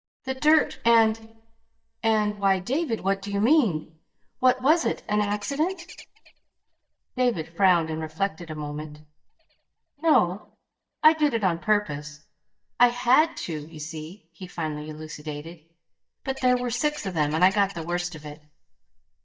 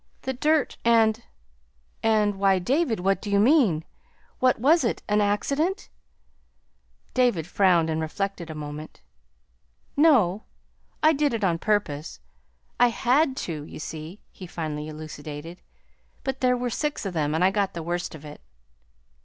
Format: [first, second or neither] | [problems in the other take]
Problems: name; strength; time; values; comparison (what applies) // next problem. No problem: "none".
second | noise reduction (neural mask model DeepFilterNet 3)